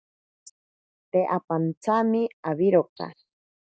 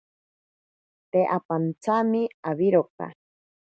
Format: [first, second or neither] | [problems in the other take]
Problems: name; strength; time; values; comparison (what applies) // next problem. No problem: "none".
second | noise reduction (neural mask model DeepFilterNet 3)